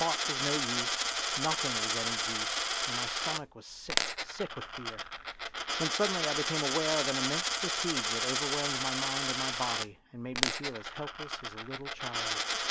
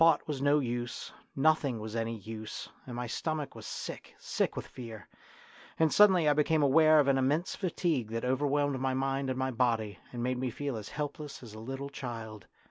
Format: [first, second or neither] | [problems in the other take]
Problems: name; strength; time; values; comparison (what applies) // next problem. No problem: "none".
second | background sound (Coin (dropping)); 4 dB above the speech